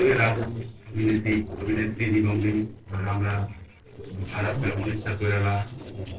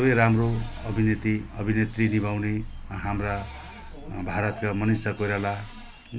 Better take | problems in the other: second | noise reduction (neural separator model SepFormer DNS4)

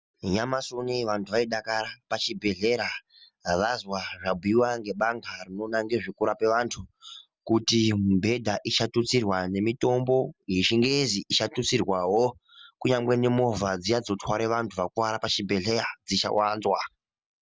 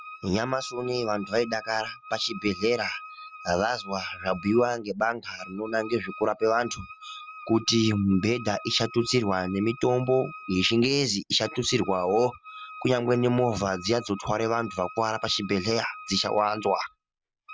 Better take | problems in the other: first | background sound (Wind instrument, woodwind instrument); 17 dB below the speech

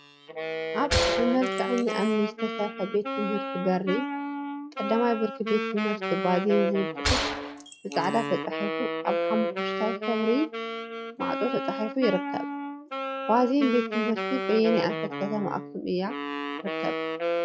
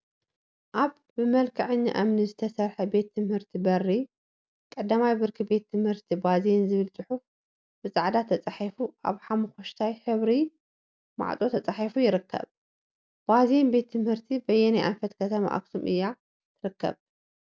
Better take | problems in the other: second | noise reduction (classical method log-MMSE)

